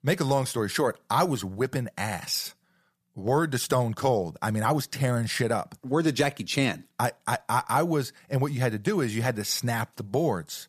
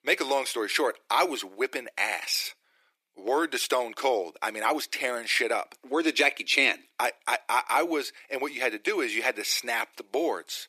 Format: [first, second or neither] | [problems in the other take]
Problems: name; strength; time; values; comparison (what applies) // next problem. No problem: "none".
first | thin; very; fading below 300 Hz